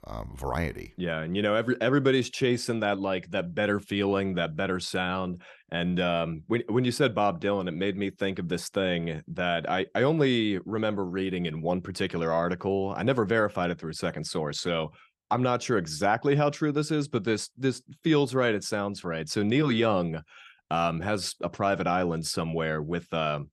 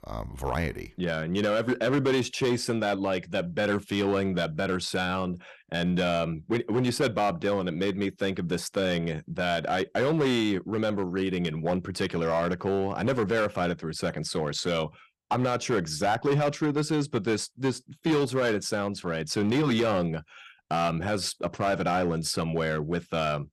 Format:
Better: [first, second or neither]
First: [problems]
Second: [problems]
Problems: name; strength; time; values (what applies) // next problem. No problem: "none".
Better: first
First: none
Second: distortion; slight; 6% of the sound clipped